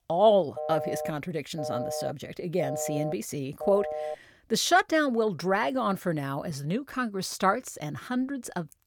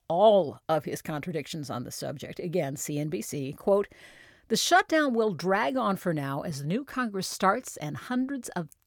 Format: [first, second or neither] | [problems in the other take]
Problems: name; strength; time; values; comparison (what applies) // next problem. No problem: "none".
second | phone ringing; noticeable; from 0.5 to 4 s; peak 5 dB below the speech